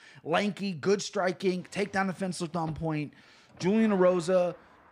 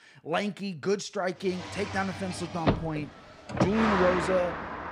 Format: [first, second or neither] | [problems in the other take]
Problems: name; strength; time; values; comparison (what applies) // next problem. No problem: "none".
first | traffic noise; loud; from 1.5 s on; 1 dB below the speech; faint in the first